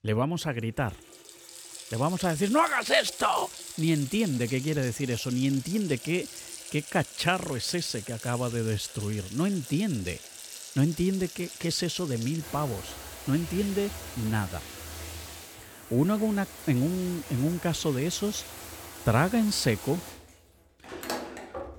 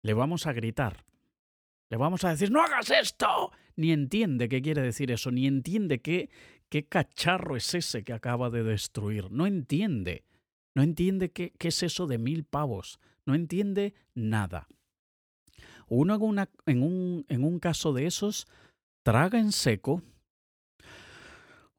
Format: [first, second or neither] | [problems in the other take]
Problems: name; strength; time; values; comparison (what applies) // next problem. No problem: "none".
second | household noises; noticeable; throughout; 10 dB below the speech